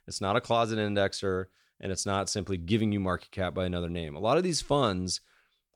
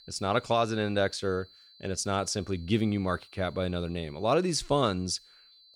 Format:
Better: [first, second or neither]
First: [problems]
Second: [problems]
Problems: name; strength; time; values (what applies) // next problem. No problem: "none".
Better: first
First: none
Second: high-pitched whine; faint; throughout; 4 kHz, 25 dB below the speech